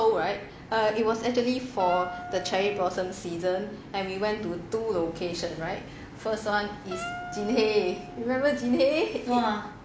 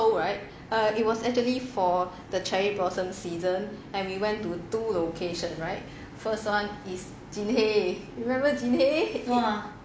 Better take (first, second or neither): second